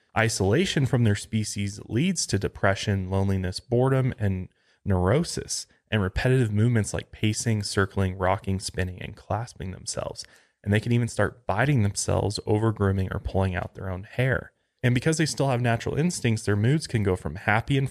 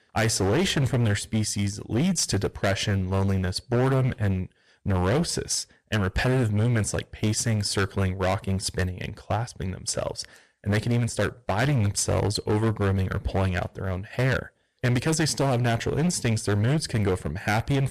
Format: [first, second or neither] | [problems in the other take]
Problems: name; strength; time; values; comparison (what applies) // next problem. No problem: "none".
first | distortion; heavy; 15% of the sound clipped